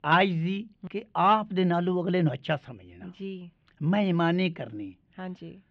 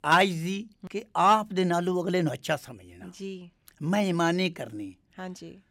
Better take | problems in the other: second | muffled; slightly; fading above 3 kHz

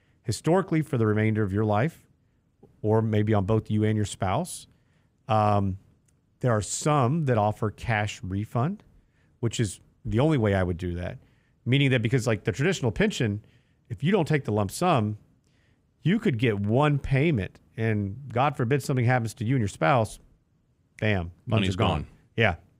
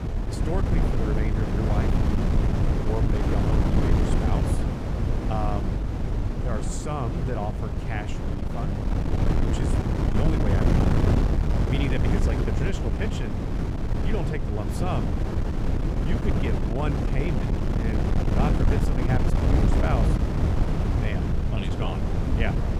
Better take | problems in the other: first | wind noise on the microphone; heavy; 2 dB above the speech

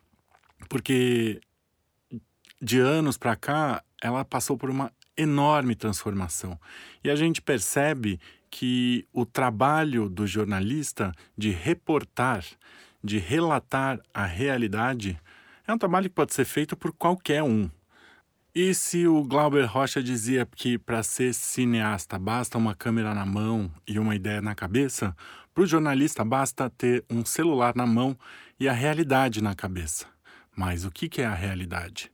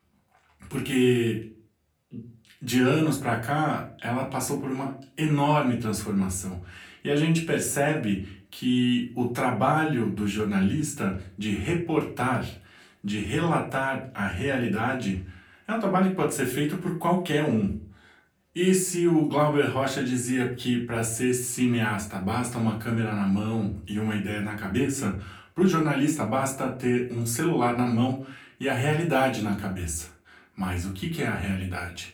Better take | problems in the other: first | room echo; slight; dies away in 0.3 s // off-mic speech; far

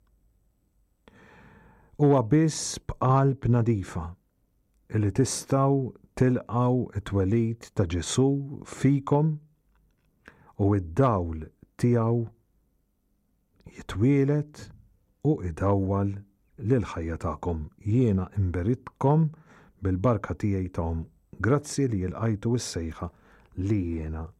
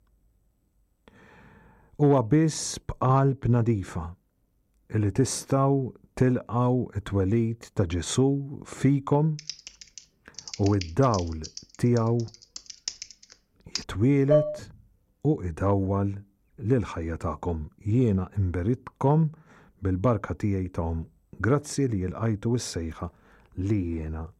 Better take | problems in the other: first | keyboard typing; noticeable; from 9.5 to 14 s; peak 8 dB below the speech // clattering dishes; loud; at 14 s; peak 2 dB above the speech

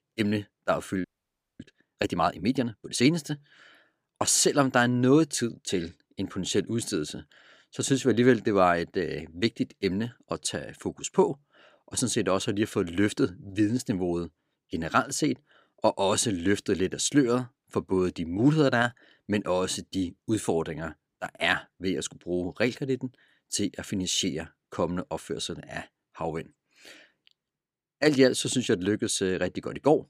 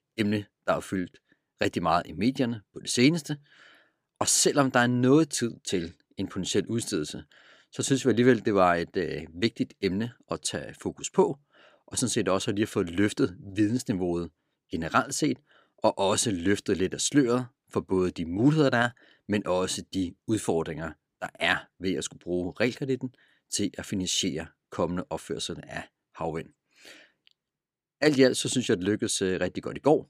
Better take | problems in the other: second | audio freezing; at 1 s for 0.5 s

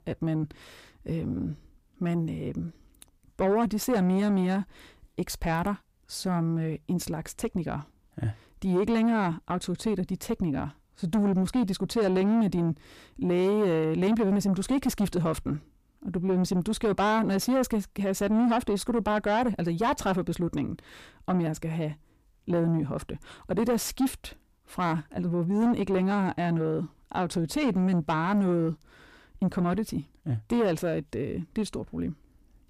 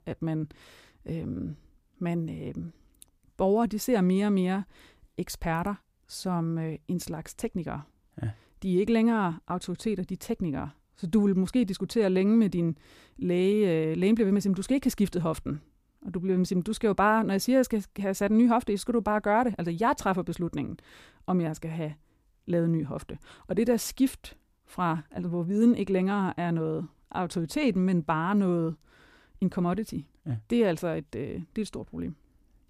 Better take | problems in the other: second | distortion; slight; 9 dB below the speech

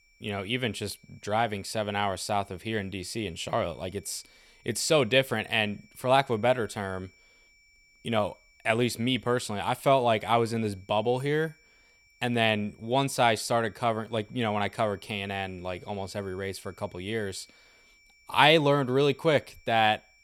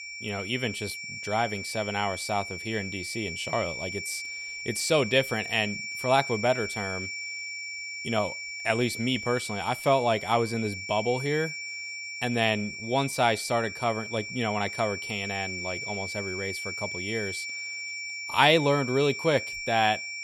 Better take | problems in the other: first | high-pitched whine; loud; throughout; 2.5 kHz, 6 dB below the speech; faint in the first

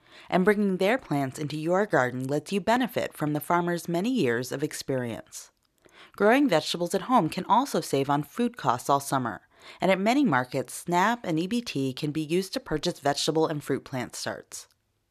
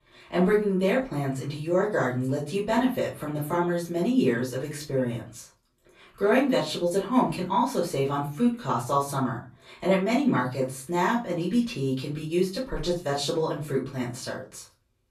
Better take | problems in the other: first | off-mic speech; far // room echo; slight; dies away in 0.4 s

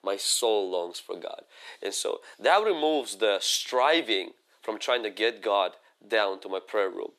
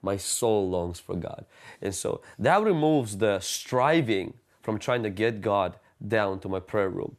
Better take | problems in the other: second | thin; very; fading below 350 Hz

